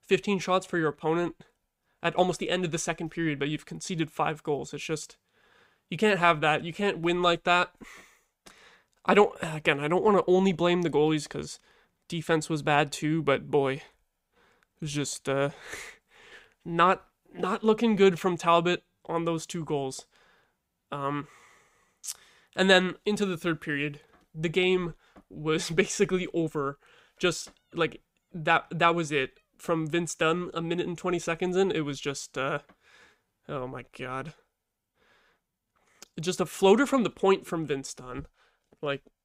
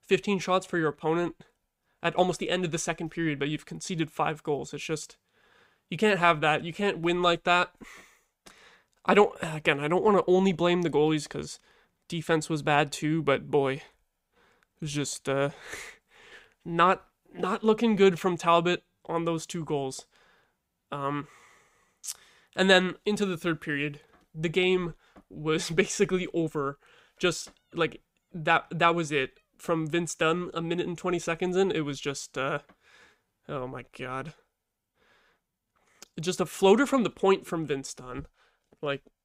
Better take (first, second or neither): neither